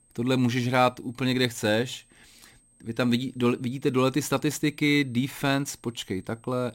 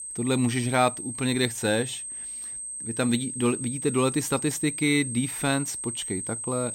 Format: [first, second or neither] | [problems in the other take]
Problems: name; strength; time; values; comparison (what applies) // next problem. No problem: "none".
first | high-pitched whine; loud; throughout; 8.5 kHz, 6 dB below the speech; faint in the first